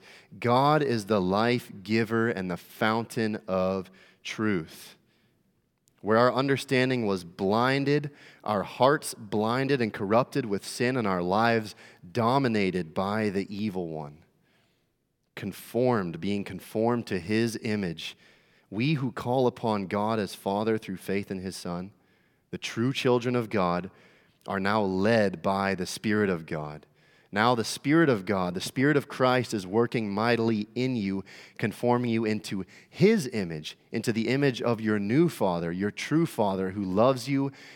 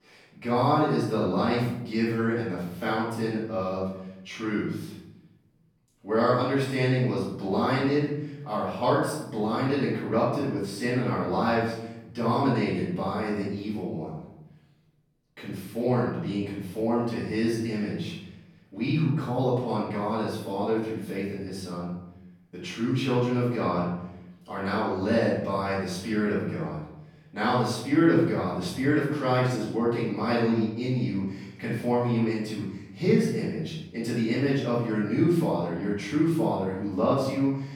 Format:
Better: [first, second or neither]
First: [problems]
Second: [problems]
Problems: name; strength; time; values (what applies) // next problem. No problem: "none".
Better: first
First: none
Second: off-mic speech; far // room echo; noticeable; dies away in 0.9 s